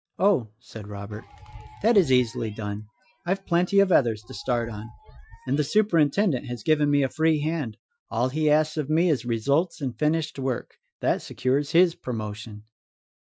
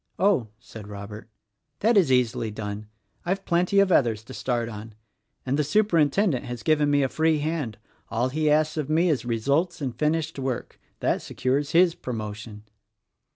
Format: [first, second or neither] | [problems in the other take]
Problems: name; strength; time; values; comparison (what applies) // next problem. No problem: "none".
second | noise reduction (classical method Wiener filter)